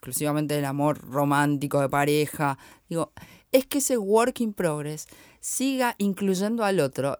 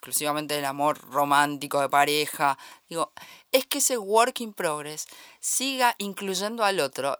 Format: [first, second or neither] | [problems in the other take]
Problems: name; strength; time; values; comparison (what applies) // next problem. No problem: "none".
first | thin; somewhat; fading below 800 Hz